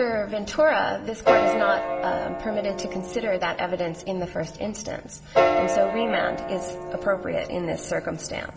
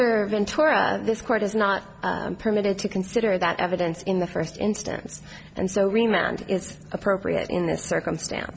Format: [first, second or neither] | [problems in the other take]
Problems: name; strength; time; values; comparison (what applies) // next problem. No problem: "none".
second | background sound (Piano); 1 dB below the speech // room echo; dies away in 1.3 s